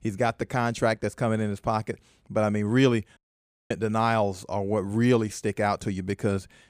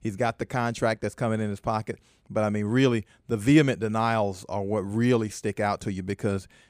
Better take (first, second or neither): second